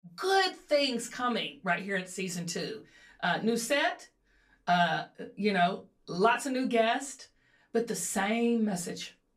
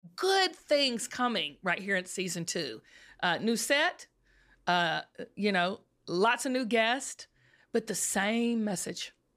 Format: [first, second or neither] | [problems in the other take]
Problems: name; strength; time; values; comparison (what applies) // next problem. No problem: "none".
second | off-mic speech; far // room echo; very slight; dies away in 0.2 s